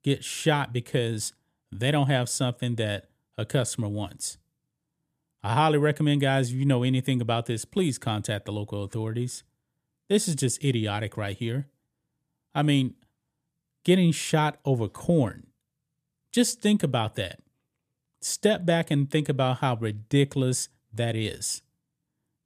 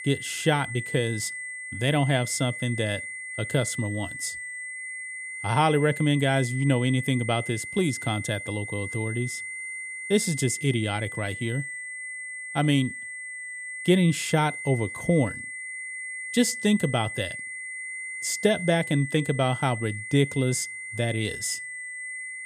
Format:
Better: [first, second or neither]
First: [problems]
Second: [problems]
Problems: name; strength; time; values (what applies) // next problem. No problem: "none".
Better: first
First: none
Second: high-pitched whine; loud; throughout; 2 kHz, 8 dB below the speech